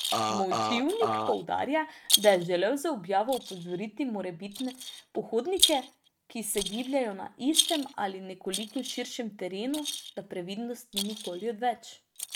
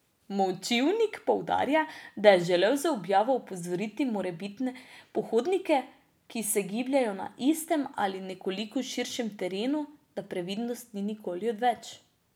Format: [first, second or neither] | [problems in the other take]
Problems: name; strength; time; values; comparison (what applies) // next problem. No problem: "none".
second | noise reduction (neural mask model RNNoise)